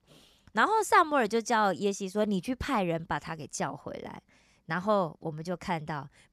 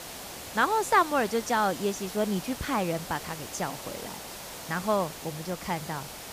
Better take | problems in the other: first | hiss; noticeable; throughout; 10 dB below the speech

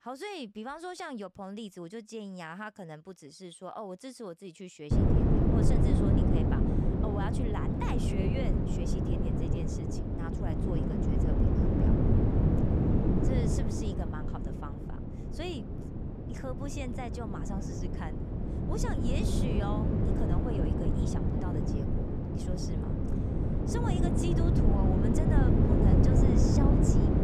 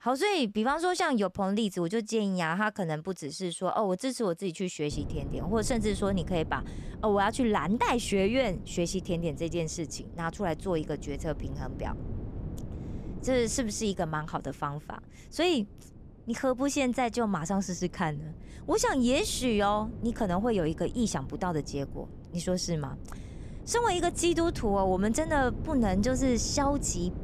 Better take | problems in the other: second | wind noise on the microphone; heavy; from 5 s on; 5 dB above the speech; occasional gusts in the second

